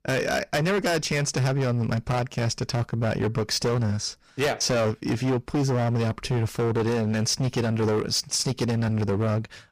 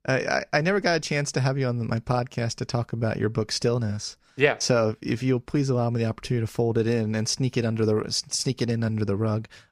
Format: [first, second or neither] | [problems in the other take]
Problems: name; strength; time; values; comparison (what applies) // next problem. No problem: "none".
second | distortion; heavy; 21% of the sound clipped